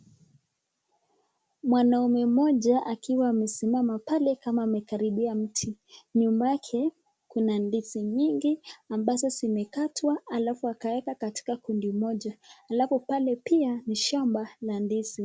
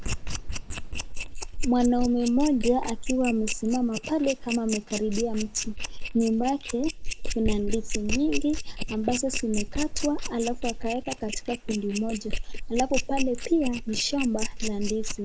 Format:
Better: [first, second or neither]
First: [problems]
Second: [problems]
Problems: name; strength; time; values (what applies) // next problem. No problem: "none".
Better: first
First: none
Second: noise reduction (neural mask model Resemble Enhance denoiser)